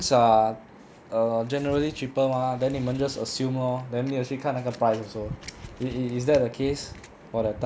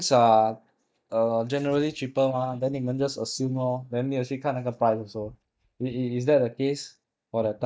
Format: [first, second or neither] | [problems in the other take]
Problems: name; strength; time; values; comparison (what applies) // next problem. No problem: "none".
first | noise reduction (neural mask model DeepFilterNet 3)